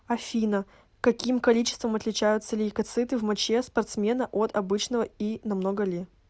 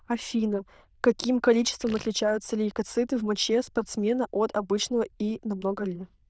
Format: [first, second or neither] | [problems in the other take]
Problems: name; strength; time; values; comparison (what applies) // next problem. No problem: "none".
first | noise reduction (neural diffusion model UNIVERSE++)